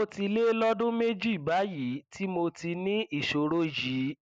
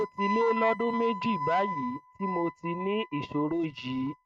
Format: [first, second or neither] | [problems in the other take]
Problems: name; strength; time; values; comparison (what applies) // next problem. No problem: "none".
first | noise reduction (neural mask model RNNoise)